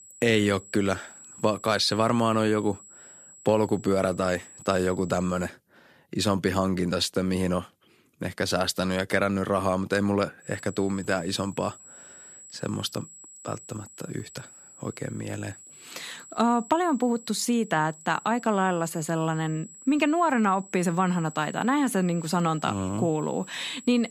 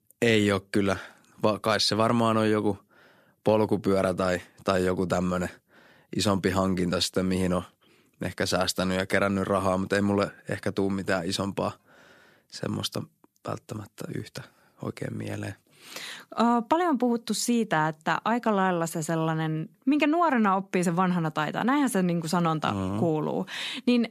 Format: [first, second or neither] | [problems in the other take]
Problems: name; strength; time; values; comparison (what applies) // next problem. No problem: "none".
second | high-pitched whine; noticeable; until 5.5 s and from 10 s on; 7.5 kHz, 20 dB below the speech